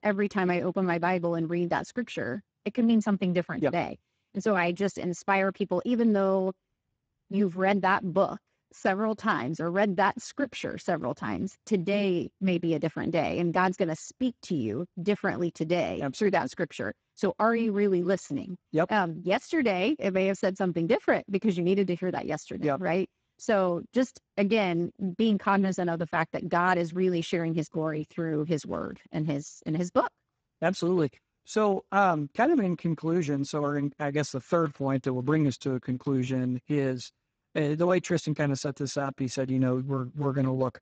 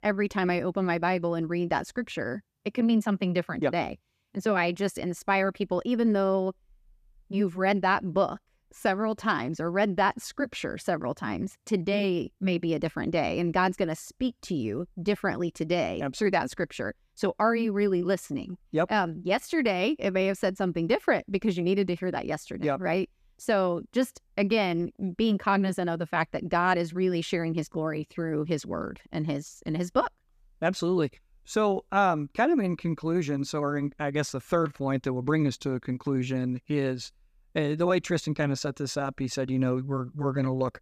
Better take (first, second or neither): second